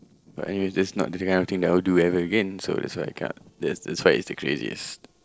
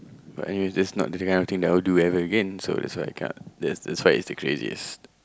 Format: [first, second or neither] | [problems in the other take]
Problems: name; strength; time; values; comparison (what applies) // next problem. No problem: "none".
second | noise reduction (neural separator model SepFormer DNS4)